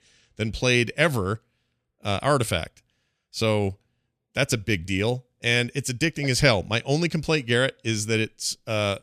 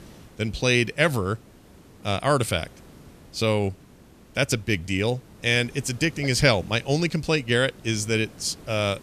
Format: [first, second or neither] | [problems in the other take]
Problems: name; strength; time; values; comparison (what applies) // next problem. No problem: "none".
first | hiss; faint; throughout; 25 dB below the speech